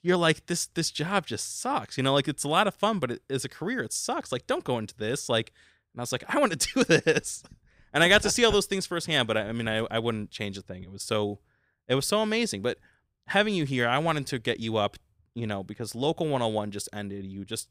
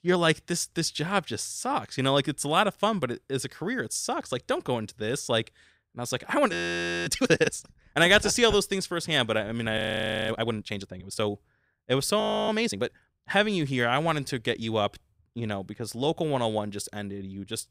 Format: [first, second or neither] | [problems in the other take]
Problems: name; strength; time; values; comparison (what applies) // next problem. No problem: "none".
first | audio freezing; at 6.5 s for 0.5 s, at 10 s for 0.5 s and at 12 s